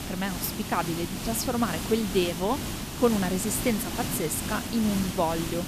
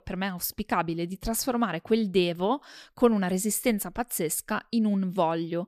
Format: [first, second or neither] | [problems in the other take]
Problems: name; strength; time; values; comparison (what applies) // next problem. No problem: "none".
second | hiss; loud; throughout; 4 dB below the speech